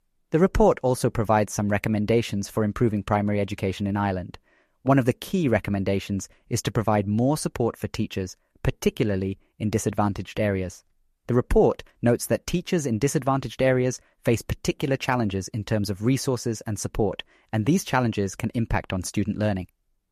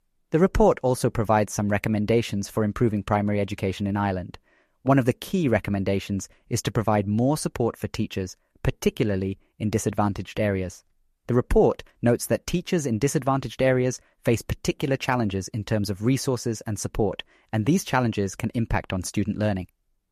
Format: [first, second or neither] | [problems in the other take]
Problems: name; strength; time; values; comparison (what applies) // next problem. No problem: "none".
neither | none